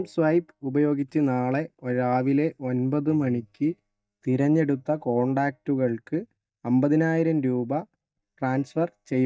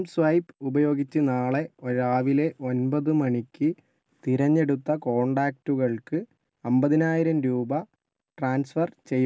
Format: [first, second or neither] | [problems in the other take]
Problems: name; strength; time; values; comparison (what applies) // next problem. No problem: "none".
second | noise reduction (neural mask model DeepFilterNet 3)